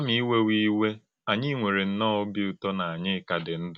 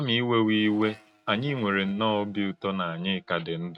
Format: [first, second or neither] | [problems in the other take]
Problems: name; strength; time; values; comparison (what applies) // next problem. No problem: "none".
first | noise reduction (neural mask model RNNoise)